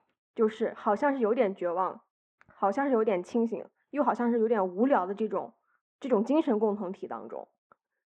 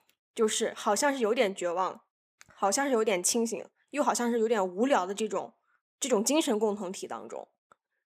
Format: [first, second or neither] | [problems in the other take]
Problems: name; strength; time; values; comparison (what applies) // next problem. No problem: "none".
second | muffled; very; fading above 1.5 kHz